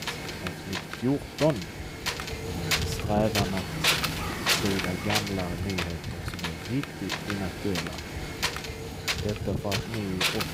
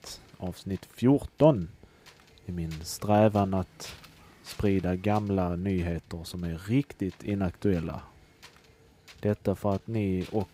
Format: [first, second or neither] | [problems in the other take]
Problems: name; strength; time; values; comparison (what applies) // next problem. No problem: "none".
second | wind noise on the microphone; heavy; 4 dB above the speech; occasional gusts in the second